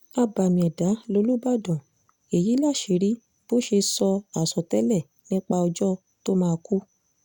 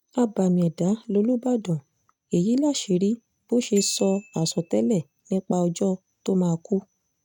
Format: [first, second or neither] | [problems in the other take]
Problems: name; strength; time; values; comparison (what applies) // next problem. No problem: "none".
first | noise reduction (neural mask model RNNoise)